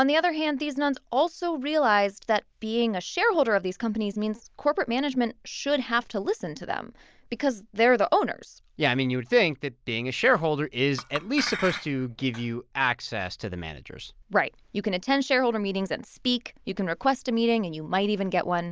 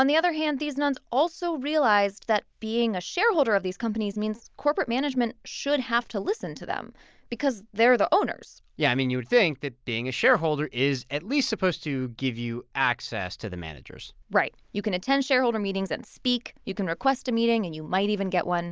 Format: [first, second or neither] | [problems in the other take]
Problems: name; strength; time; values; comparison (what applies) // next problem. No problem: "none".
second | background sound (Chink, clink); 12 dB below the speech